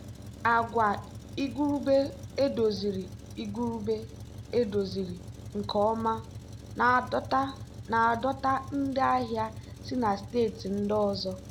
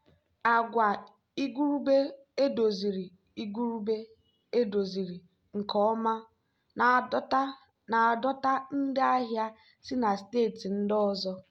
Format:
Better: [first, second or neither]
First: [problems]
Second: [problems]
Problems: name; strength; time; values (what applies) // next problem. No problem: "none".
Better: second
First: background sound (Truck); 13 dB below the speech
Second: none